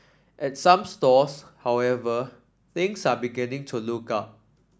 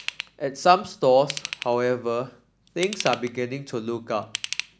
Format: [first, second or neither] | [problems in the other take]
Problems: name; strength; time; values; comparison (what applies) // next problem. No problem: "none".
first | background sound (Ratchet, pawl / Tools); 12 dB below the speech